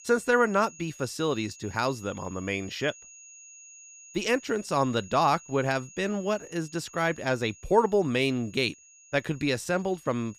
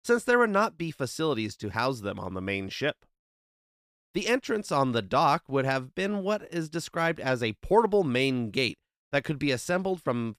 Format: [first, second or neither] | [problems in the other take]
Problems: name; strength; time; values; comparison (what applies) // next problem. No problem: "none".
second | high-pitched whine; faint; throughout; 6.5 kHz, 20 dB below the speech